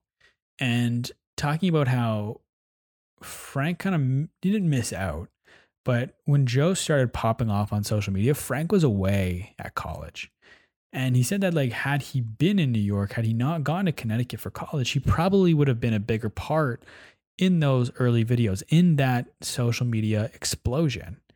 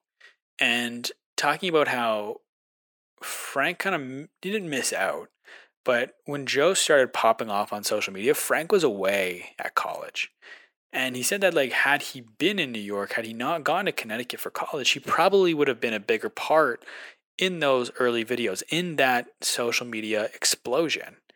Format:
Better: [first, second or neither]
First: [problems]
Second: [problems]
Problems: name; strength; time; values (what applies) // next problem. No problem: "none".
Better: first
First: none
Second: thin; very; fading below 350 Hz